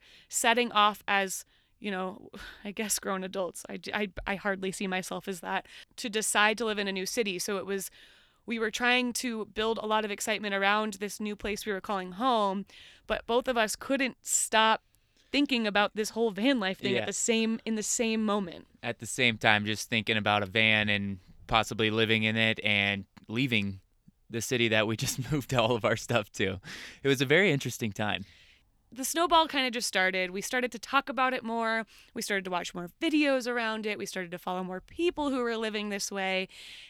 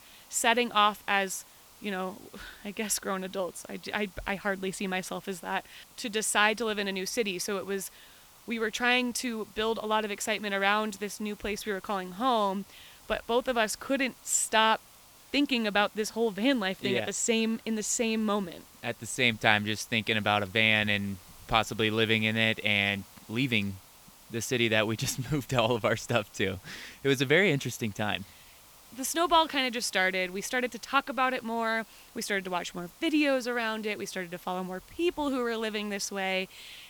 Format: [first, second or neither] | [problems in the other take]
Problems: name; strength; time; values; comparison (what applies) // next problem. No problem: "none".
first | hiss; faint; throughout; 25 dB below the speech